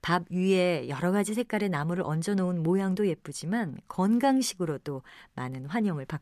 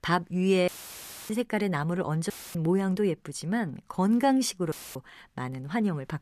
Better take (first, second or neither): first